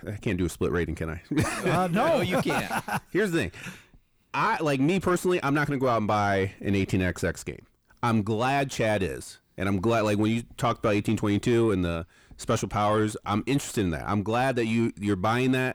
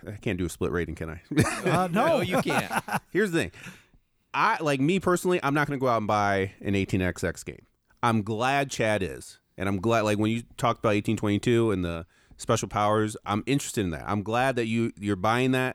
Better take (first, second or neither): second